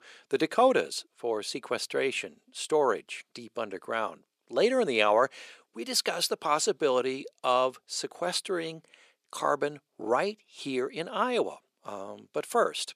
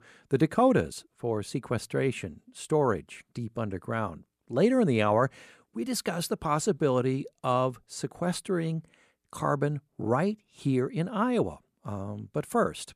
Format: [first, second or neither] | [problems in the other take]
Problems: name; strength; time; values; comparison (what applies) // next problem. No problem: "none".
second | thin; somewhat; fading below 450 Hz